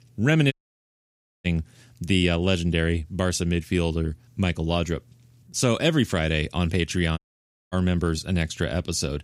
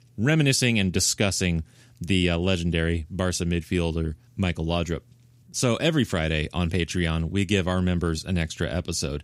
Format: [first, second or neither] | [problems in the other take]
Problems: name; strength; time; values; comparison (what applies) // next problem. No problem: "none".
second | audio cutting out; at 0.5 s for 1 s and at 7 s for 0.5 s